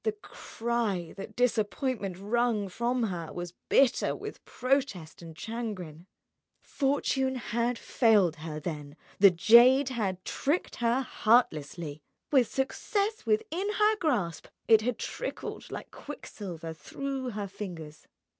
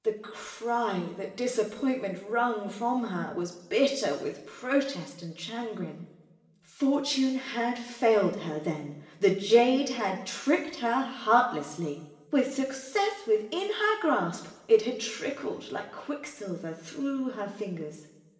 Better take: first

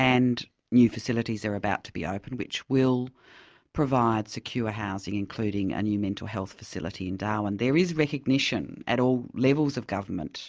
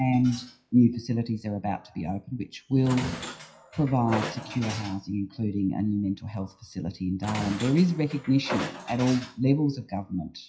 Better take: first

